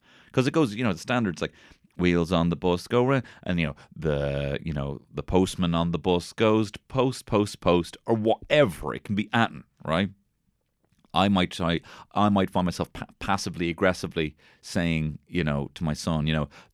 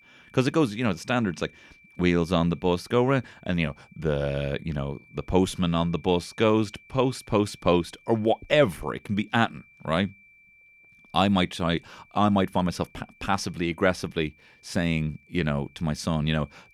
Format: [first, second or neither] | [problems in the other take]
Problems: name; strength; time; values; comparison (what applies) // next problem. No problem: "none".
first | high-pitched whine; faint; throughout; 2.5 kHz, 30 dB below the speech